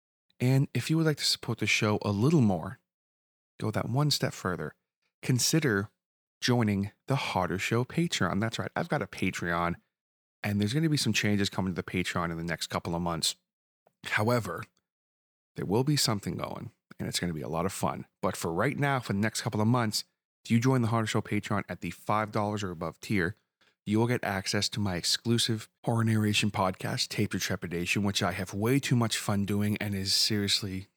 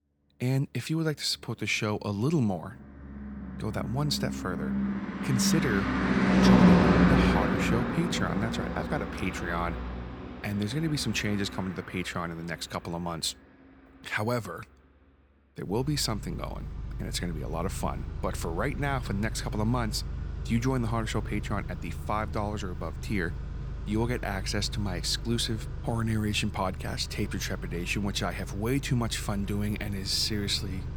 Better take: first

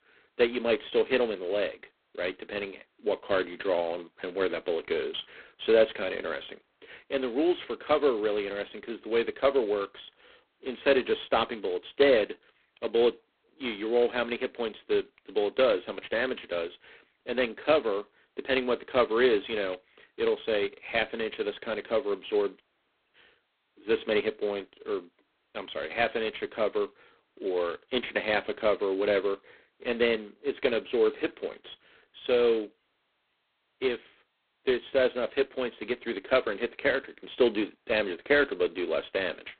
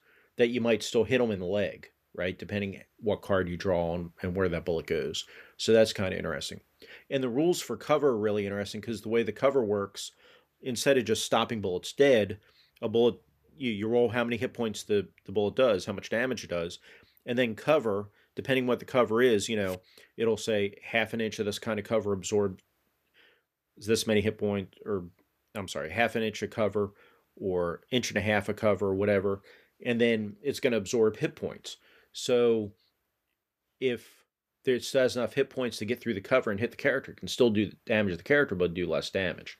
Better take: second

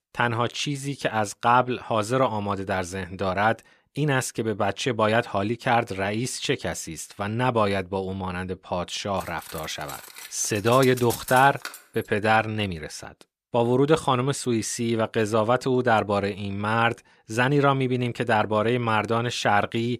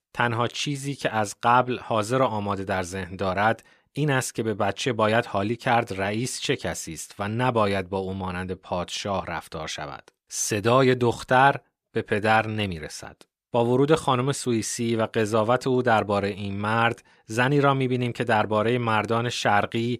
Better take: second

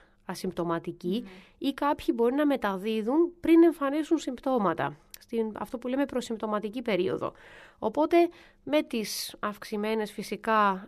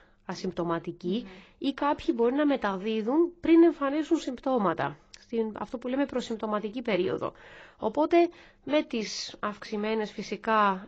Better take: first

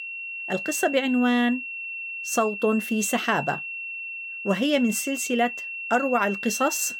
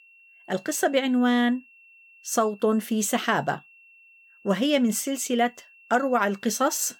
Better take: second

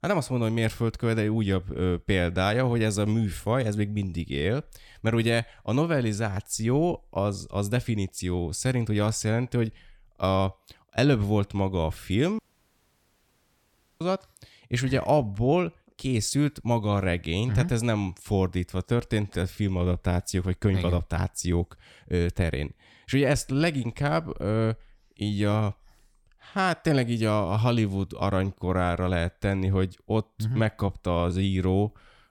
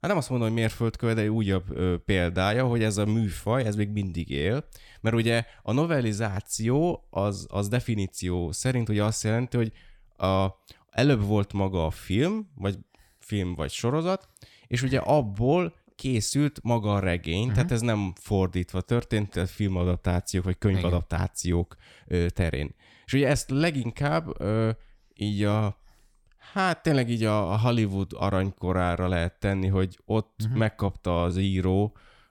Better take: second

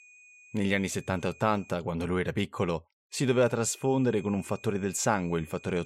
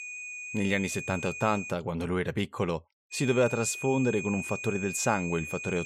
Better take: first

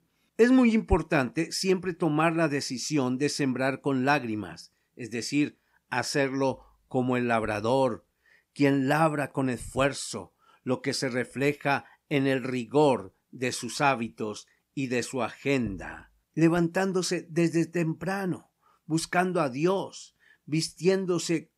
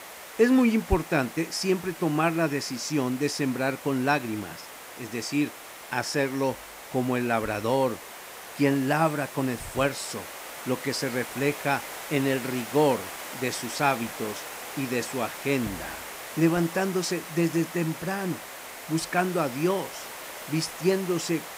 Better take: first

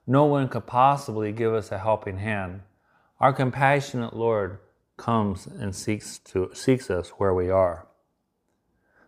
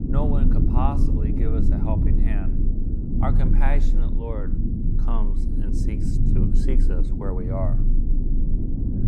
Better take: first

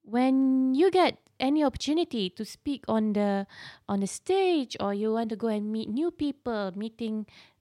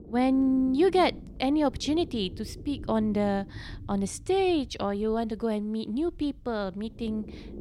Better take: first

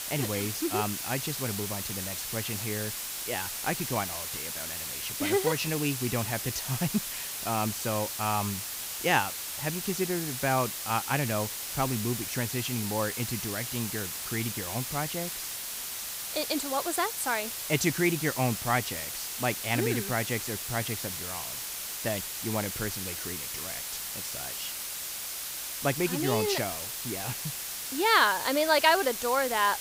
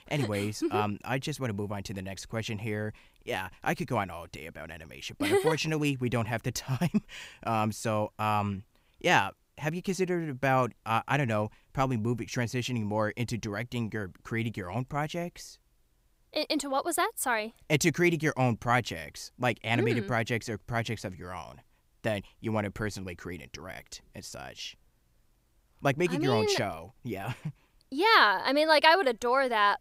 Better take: second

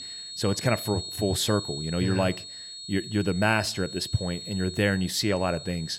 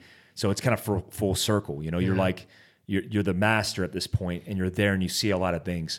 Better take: second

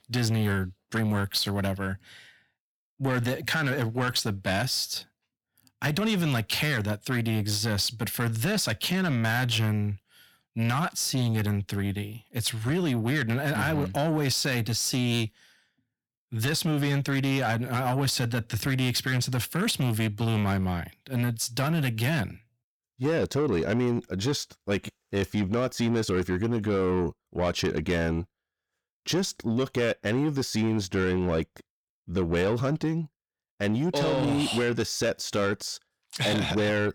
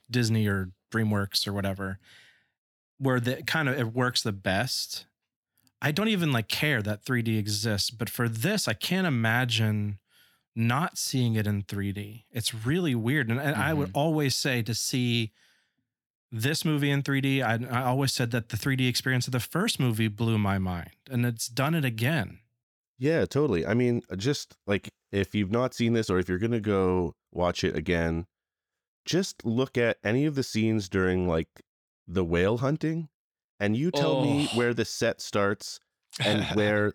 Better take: second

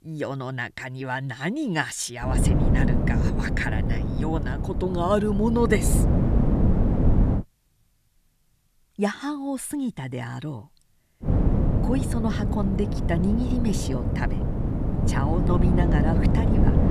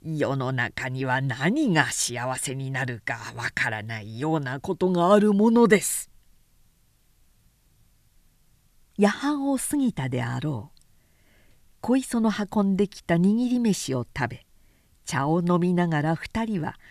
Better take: second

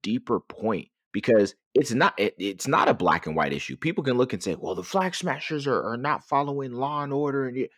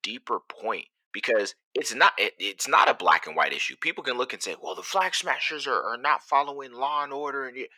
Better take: first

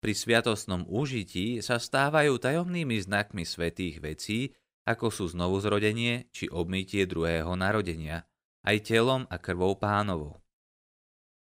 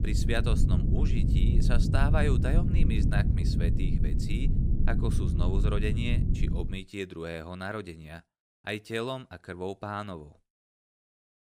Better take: first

